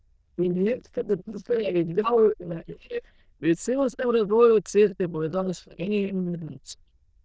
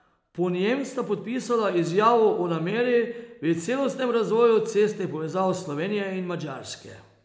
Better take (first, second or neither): second